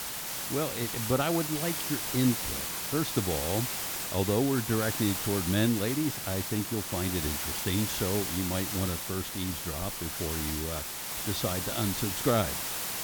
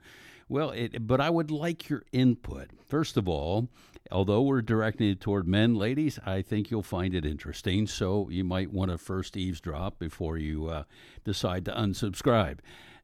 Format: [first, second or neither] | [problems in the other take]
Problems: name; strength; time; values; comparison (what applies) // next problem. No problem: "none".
second | hiss; loud; throughout; 1 dB below the speech